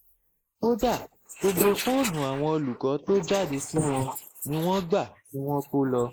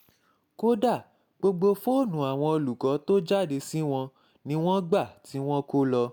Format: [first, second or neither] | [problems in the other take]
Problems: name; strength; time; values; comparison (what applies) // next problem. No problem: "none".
second | noise reduction (neural mask model Resemble Enhance denoiser)